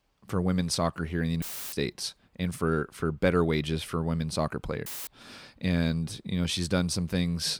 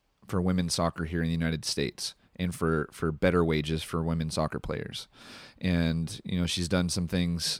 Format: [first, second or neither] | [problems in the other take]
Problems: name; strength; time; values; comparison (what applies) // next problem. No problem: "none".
second | audio cutting out; filled with static; at 1.5 s and at 5 s